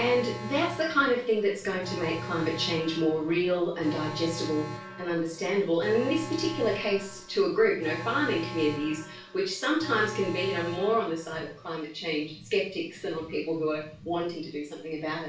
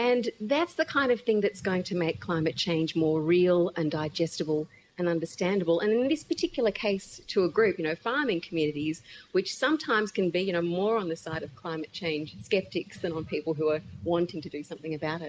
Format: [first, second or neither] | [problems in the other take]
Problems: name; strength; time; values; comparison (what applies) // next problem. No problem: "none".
second | background sound (Alarm); 12 dB below the speech // room echo; dies away in 0.3 s